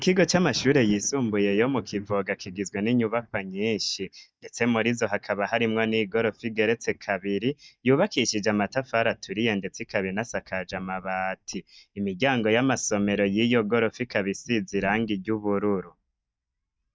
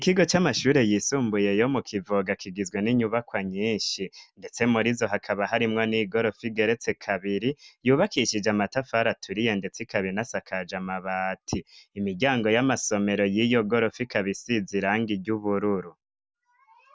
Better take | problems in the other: second | noise reduction (neural mask model DeepFilterNet 3)

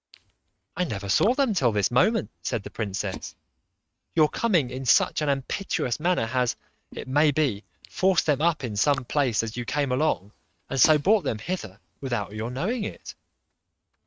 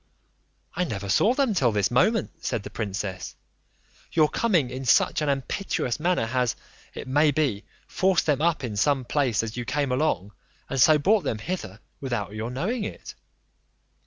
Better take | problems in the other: second | noise reduction (neural mask model RNNoise)

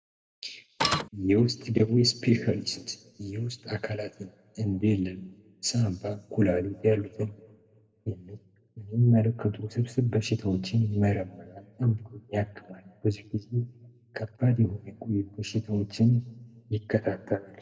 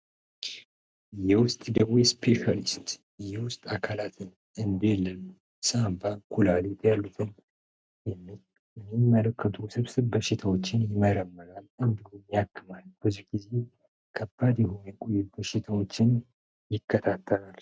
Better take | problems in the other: second | background sound (Printer); 2 dB above the speech // room echo; dies away in 1 s

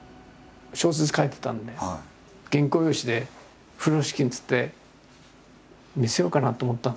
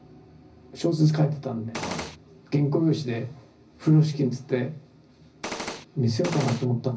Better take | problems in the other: first | background sound (Gunshot, gunfire); 8 dB below the speech // room echo; dies away in 0.4 s

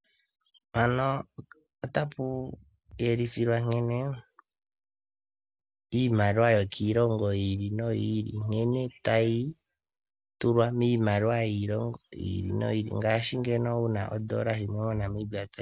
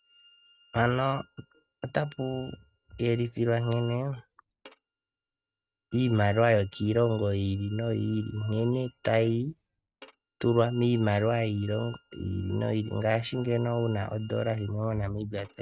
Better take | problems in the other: first | noise reduction (neural mask model RNNoise)

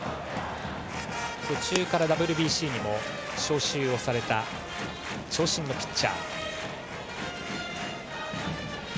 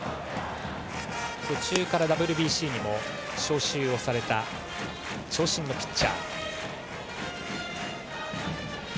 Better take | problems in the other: first | background sound (Hammer); 5 dB below the speech

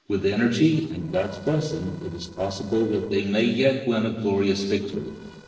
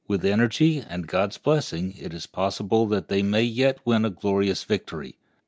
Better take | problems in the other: second | noise reduction (neural separator model SepFormer DNS4)

